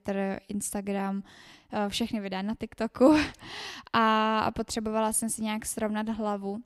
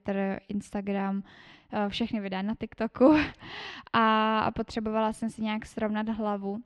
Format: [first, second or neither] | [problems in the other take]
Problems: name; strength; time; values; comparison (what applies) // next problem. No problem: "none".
first | muffled; slightly; fading above 3 kHz